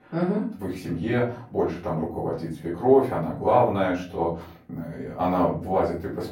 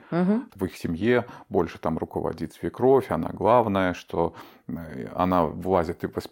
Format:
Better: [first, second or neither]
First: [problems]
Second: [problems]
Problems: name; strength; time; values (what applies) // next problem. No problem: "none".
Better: second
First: off-mic speech; far // room echo; slight; dies away in 0.4 s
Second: none